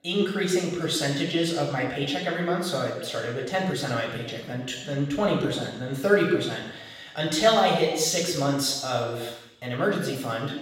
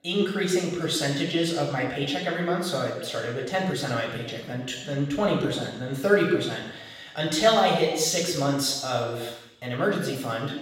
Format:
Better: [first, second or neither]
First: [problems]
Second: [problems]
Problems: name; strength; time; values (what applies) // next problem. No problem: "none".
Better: neither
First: room echo; noticeable; dies away in 0.9 s // off-mic speech; far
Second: room echo; noticeable; dies away in 0.9 s // off-mic speech; far